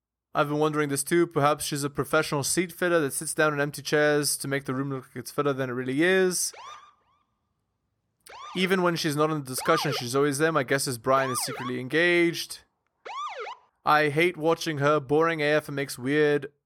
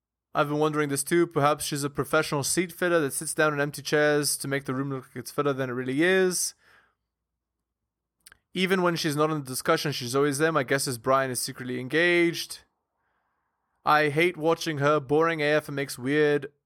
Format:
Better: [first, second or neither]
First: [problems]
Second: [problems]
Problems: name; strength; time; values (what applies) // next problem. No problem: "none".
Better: second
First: siren; noticeable; from 6.5 to 14 s; peak 6 dB below the speech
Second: none